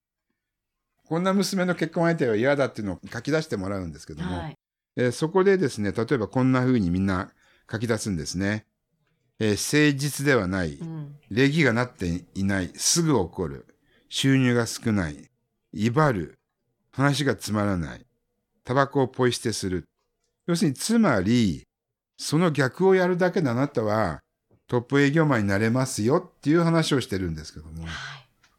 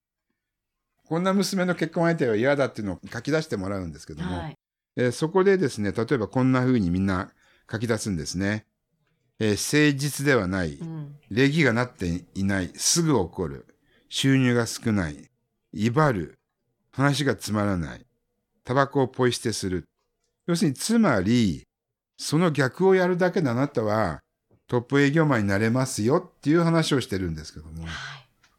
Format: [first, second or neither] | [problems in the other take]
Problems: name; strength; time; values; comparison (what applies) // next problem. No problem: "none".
neither | none